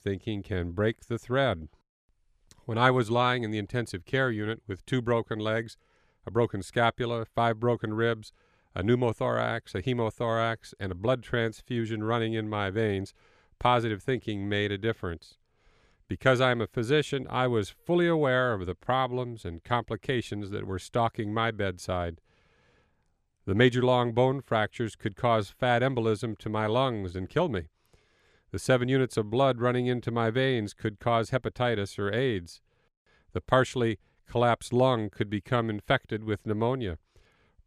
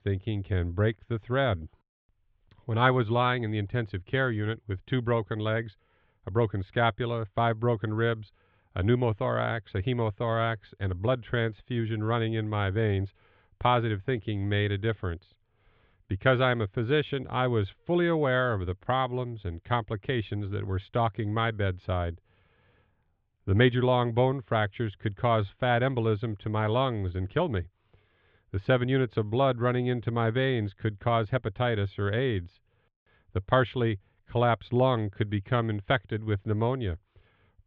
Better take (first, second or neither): first